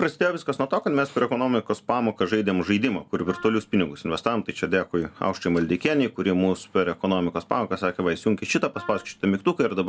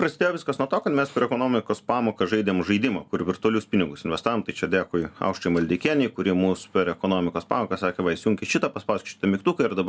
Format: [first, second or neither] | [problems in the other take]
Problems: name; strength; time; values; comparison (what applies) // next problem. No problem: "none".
second | background sound (Wind instrument, woodwind instrument); 18 dB below the speech